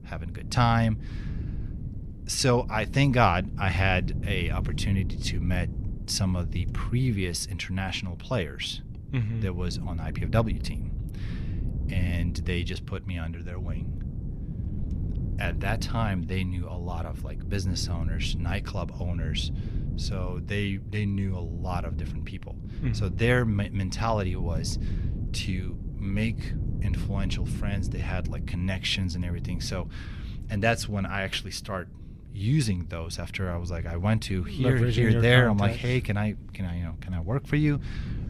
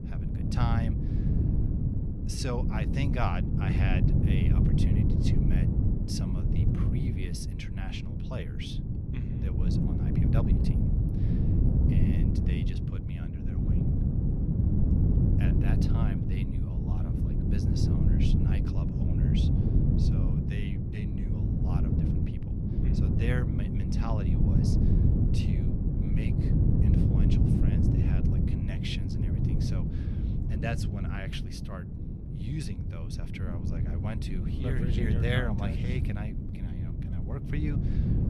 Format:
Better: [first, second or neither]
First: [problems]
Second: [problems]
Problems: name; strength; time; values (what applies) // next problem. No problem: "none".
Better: first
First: wind noise on the microphone; occasional gusts; 15 dB below the speech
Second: wind noise on the microphone; heavy; 2 dB above the speech